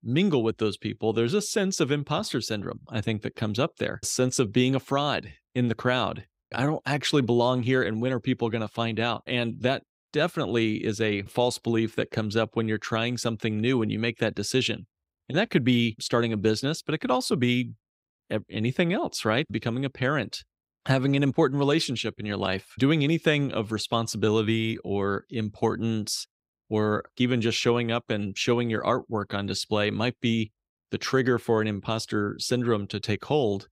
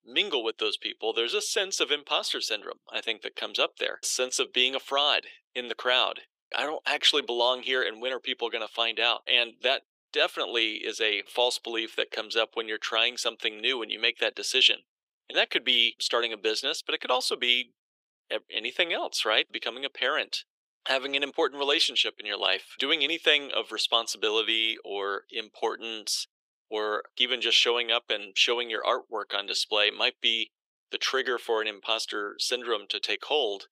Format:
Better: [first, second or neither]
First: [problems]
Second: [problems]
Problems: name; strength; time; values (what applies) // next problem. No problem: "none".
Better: first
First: none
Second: thin; very; fading below 400 Hz